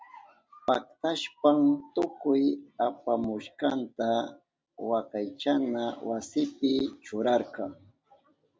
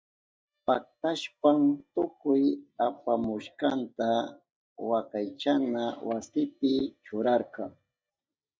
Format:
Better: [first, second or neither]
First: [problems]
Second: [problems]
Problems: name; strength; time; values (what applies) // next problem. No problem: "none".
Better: first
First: none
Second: noise reduction (neural mask model DeepFilterNet 3)